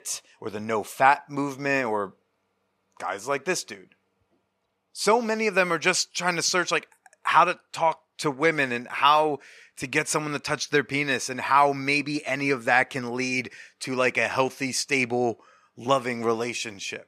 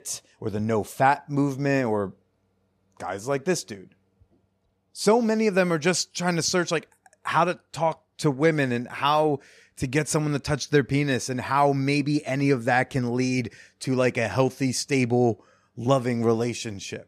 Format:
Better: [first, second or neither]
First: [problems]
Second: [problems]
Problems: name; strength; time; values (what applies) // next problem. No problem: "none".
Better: second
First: thin; somewhat; fading below 450 Hz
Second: none